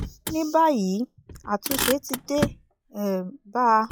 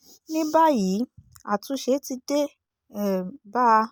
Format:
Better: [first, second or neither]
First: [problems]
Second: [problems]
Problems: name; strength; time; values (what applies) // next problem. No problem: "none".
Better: second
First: noise reduction (classical method log-MMSE)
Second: none